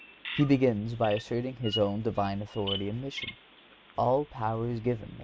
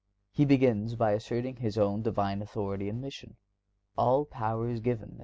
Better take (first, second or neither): second